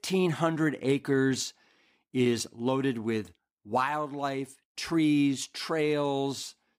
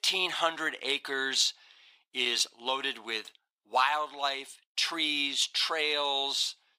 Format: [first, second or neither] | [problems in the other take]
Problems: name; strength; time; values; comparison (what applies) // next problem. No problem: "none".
first | thin; very; fading below 850 Hz